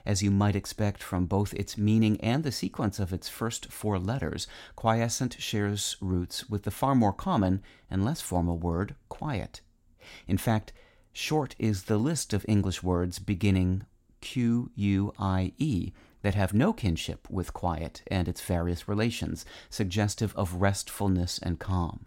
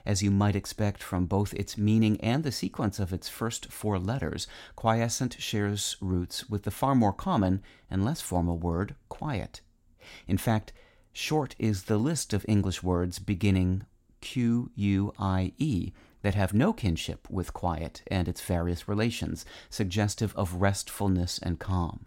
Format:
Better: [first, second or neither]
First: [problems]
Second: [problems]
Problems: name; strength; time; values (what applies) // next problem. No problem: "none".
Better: neither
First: none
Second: none